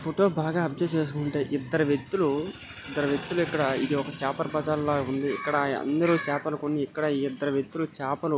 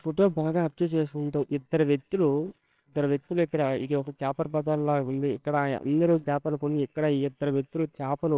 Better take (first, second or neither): first